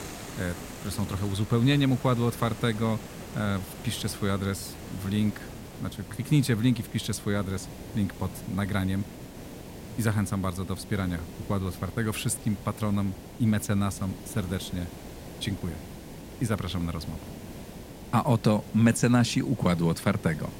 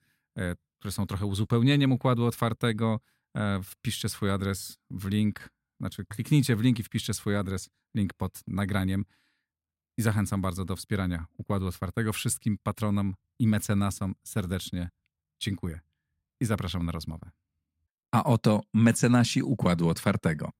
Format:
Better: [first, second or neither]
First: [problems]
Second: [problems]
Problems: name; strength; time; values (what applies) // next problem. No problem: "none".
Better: second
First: hiss; noticeable; throughout; 15 dB below the speech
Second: none